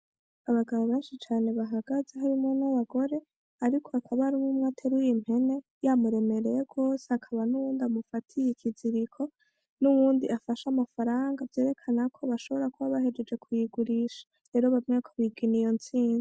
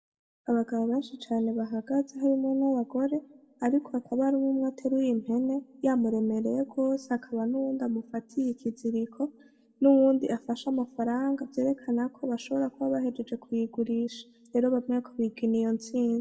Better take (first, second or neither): first